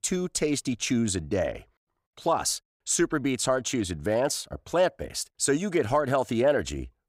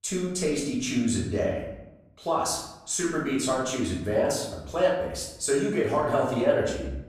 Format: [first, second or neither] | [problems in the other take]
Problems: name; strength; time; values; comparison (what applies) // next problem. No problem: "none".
first | off-mic speech; far // room echo; noticeable; dies away in 0.8 s